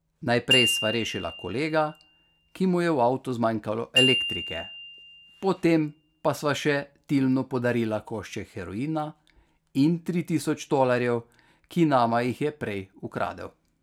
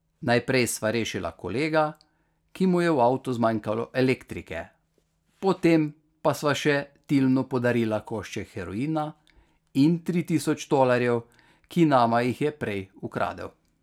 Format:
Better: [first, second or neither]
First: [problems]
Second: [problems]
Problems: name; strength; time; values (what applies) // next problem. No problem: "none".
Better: second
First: background sound (Glockenspiel); 5 dB below the speech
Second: none